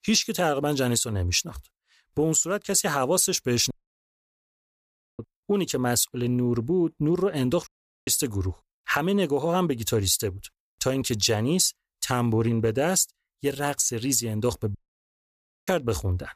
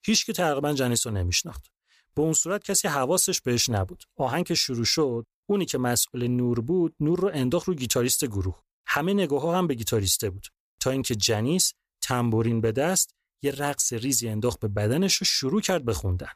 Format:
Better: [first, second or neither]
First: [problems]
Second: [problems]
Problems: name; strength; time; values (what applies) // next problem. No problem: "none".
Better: second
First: audio cutting out; at 3.5 s for 1.5 s, at 7.5 s and at 15 s for 1 s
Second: none